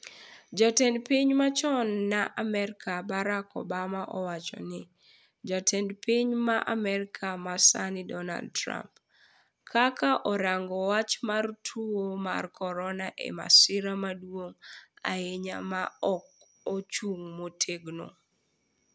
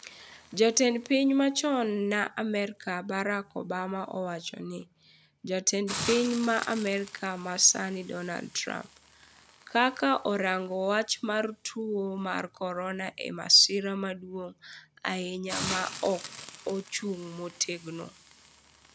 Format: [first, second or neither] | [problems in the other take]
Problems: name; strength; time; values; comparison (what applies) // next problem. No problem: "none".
first | background sound (Hiss); 15 dB below the speech